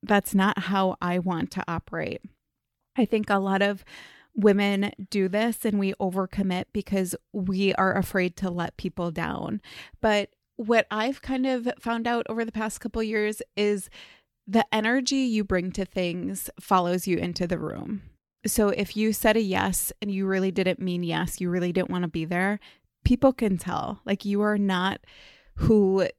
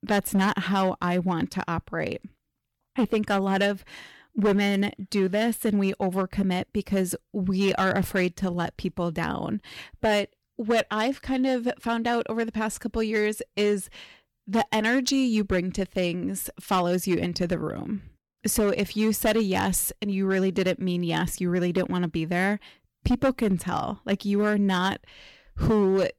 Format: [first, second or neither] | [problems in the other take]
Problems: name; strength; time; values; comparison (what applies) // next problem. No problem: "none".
first | distortion; slight; 5% of the sound clipped